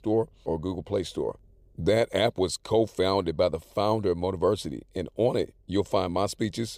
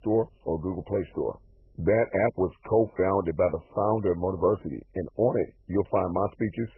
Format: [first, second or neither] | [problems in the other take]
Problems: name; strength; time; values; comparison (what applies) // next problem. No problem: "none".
first | garbled, watery; badly